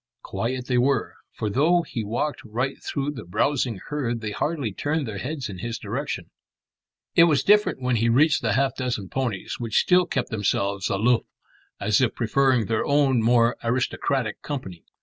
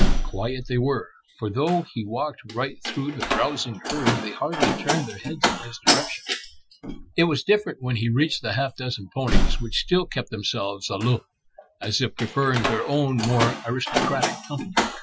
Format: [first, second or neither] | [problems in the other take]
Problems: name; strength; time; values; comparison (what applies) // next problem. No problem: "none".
first | noise reduction (classical method Wiener filter)